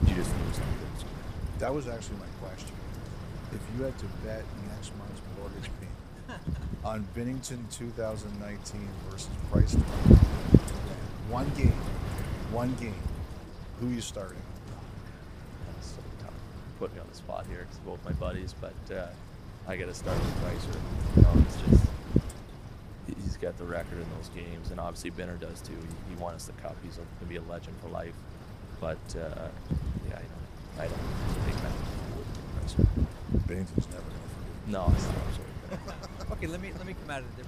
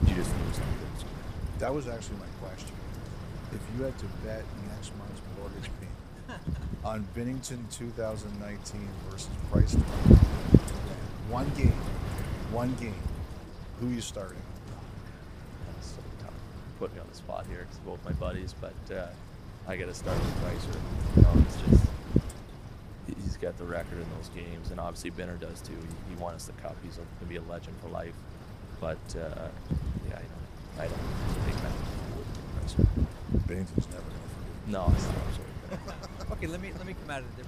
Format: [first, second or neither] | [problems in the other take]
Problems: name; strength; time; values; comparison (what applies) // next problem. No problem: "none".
neither | wind noise on the microphone; heavy; 1 dB above the speech; the same in both